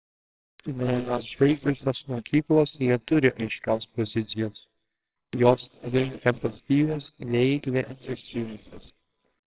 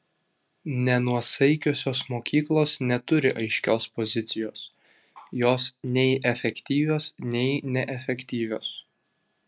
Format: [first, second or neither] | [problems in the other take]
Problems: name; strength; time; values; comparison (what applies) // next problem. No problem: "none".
second | noise reduction (neural separator model SepFormer WHAMR!)